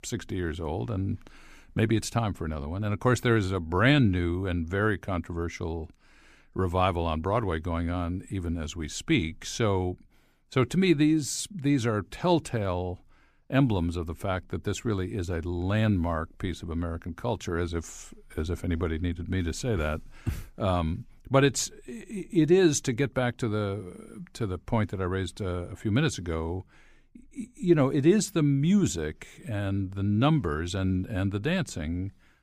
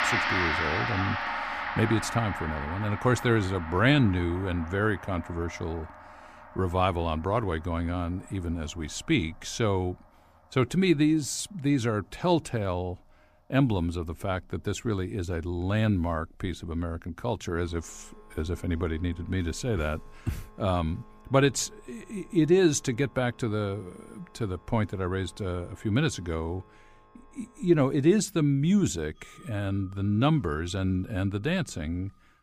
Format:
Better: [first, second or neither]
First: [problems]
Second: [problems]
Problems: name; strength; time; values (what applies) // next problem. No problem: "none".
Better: first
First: none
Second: background music; loud; throughout; 5 dB below the speech